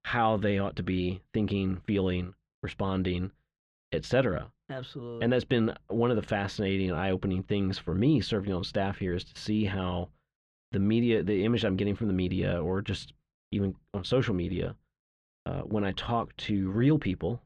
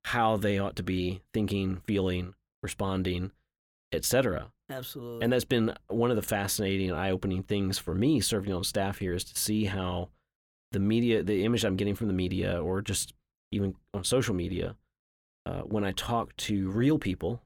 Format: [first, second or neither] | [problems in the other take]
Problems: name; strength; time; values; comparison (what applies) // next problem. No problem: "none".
second | muffled; slightly; fading above 3.5 kHz